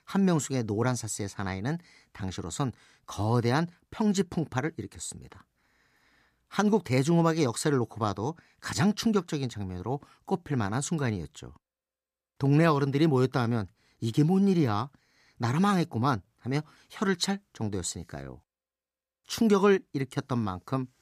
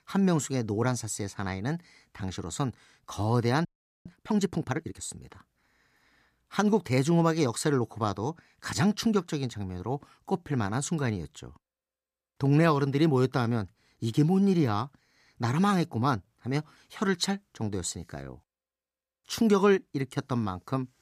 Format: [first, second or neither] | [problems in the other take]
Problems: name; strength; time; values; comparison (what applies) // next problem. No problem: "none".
first | audio freezing; at 3.5 s